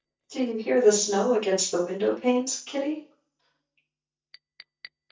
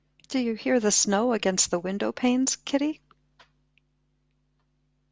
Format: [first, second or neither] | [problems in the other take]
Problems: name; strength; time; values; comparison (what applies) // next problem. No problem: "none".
second | noise reduction (neural mask model DeepFilterNet 3)